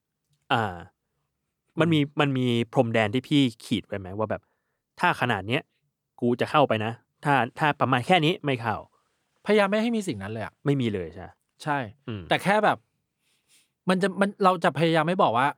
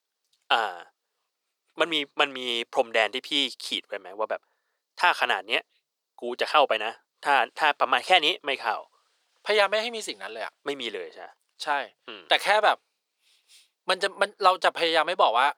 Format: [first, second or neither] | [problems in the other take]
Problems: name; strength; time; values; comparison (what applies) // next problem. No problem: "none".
first | thin; very; fading below 500 Hz